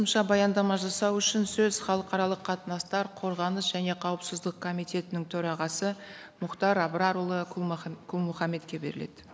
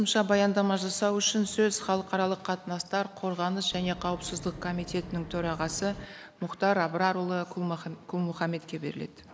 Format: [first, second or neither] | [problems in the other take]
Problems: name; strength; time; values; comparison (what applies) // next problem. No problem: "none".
first | background sound (Wind); 14 dB below the speech